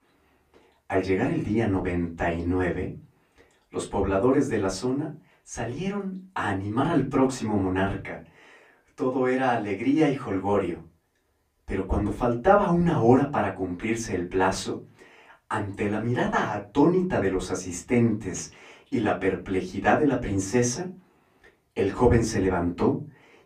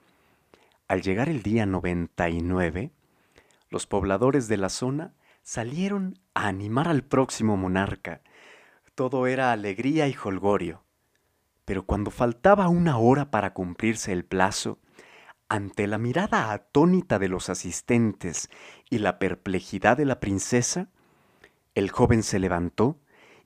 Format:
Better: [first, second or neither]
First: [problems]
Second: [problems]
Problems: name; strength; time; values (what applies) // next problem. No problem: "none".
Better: second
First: off-mic speech; far // room echo; very slight; dies away in 0.2 s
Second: none